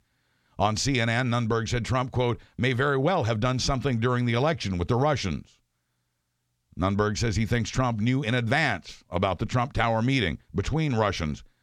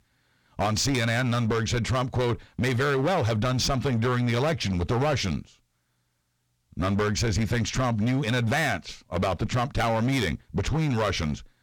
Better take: first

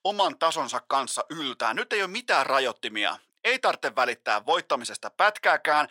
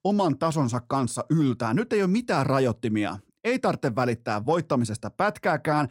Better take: second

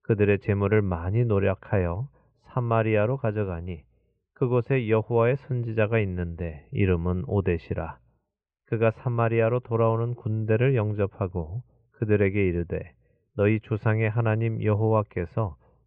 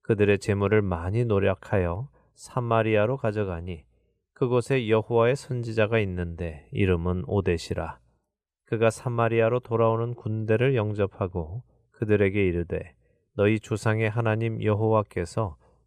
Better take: second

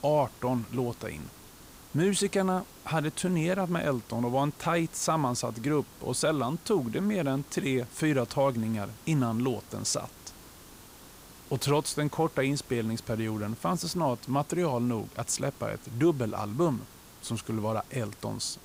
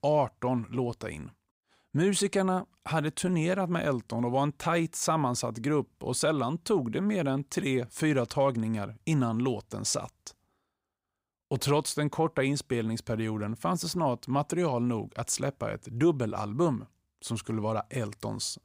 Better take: second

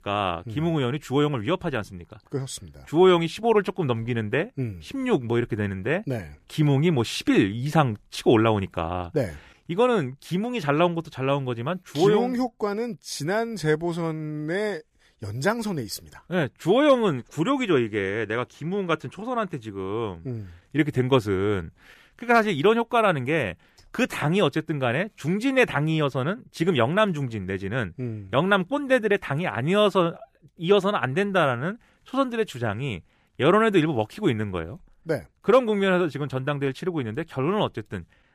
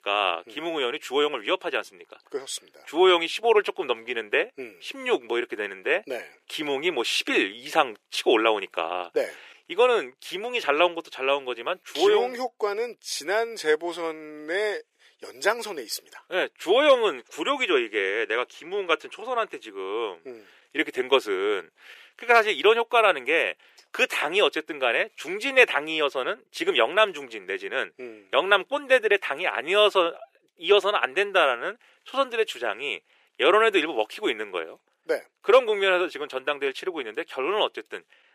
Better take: first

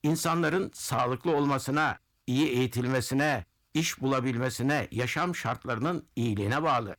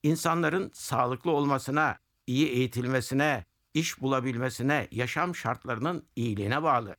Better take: second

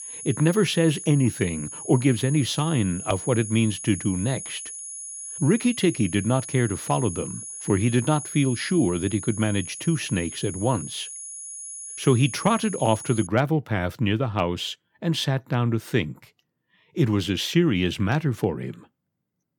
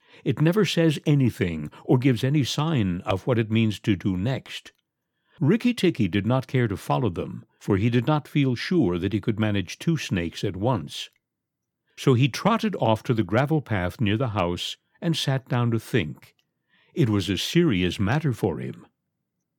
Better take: second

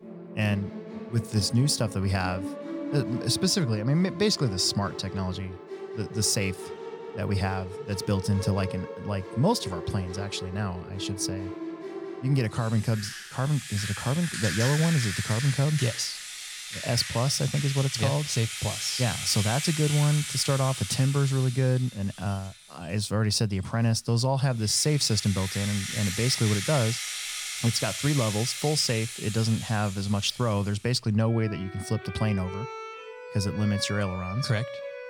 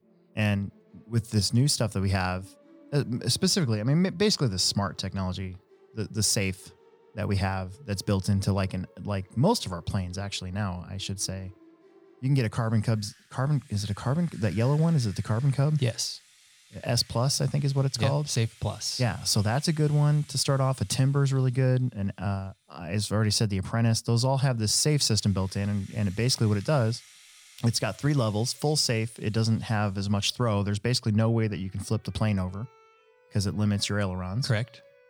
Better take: second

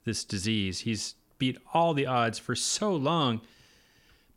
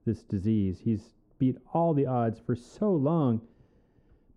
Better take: first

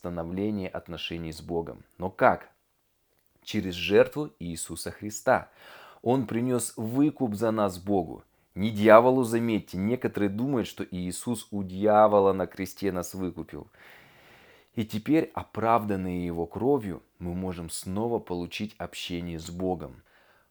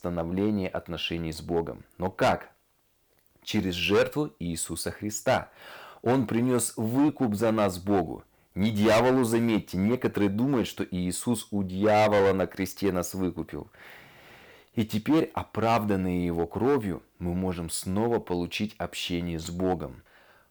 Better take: first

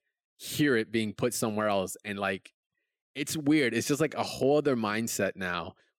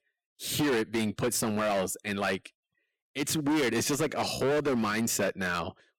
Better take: first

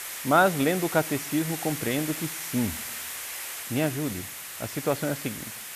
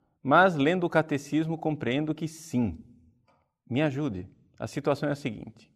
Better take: second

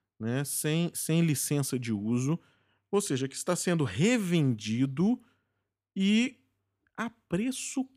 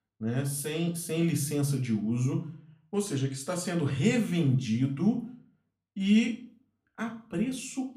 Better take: first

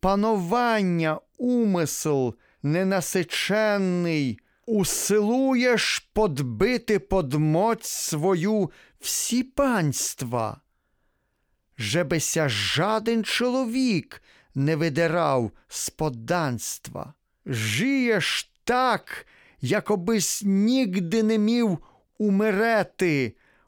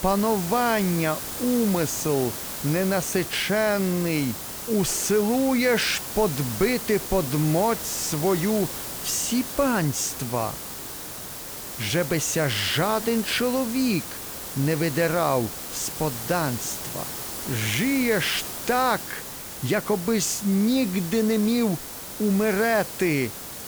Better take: first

